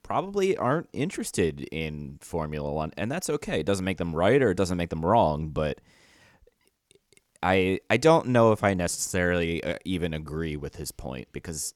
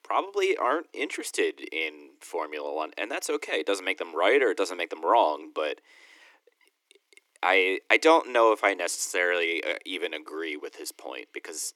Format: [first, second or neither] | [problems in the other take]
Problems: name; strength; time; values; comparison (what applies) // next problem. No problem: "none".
first | thin; very; fading below 300 Hz